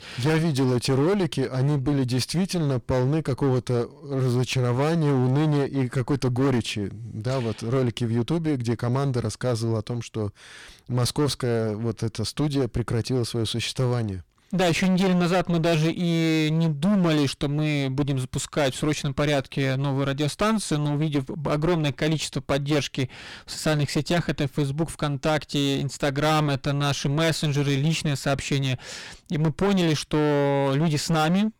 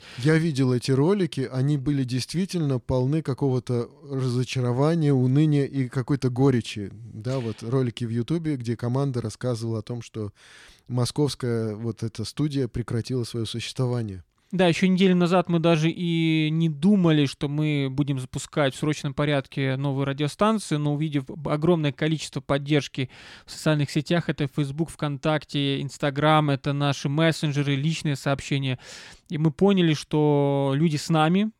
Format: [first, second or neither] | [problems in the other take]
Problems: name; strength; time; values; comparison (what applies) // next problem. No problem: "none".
second | distortion; heavy; 21% of the sound clipped